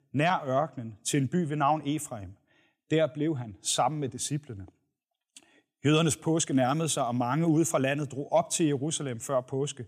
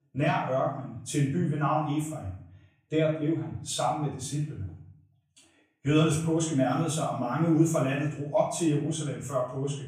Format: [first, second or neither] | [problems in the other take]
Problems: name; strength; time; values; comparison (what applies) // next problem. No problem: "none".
first | off-mic speech; far // room echo; noticeable; dies away in 0.6 s